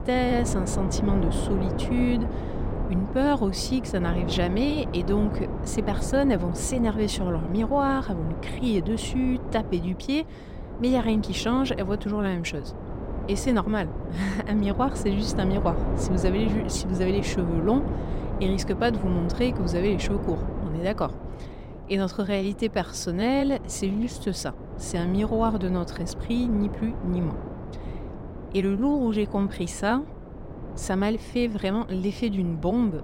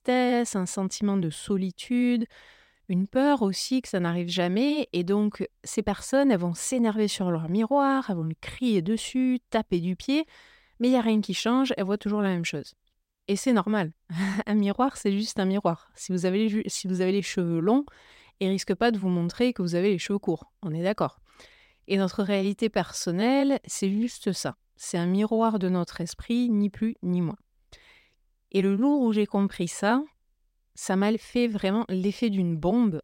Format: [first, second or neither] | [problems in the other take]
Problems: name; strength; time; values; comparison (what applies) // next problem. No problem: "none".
second | wind noise on the microphone; heavy; 8 dB below the speech